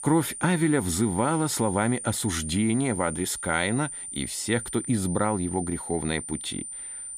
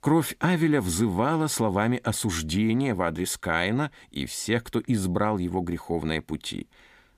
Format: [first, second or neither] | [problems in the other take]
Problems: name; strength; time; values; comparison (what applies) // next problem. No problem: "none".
second | high-pitched whine; loud; throughout; 9 kHz, 8 dB below the speech